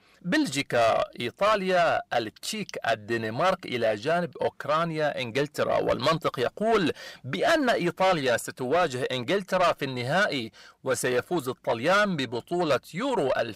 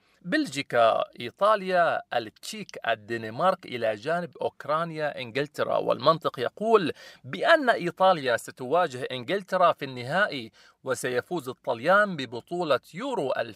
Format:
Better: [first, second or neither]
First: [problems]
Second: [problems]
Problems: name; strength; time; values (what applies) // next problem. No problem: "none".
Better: second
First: distortion; heavy; 8 dB below the speech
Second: none